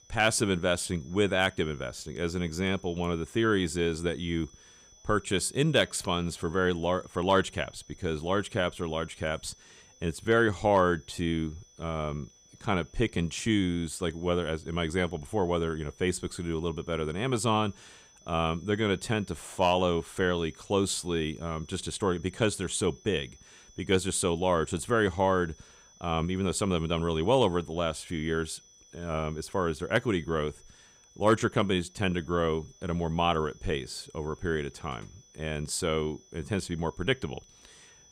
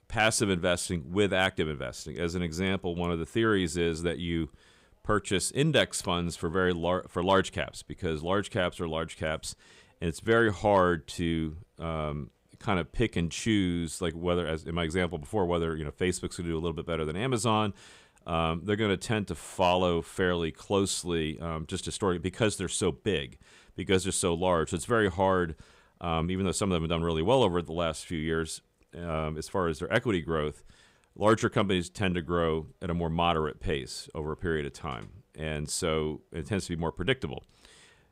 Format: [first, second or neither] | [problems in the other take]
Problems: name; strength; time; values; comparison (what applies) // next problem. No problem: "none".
second | high-pitched whine; faint; throughout; 6 kHz, 25 dB below the speech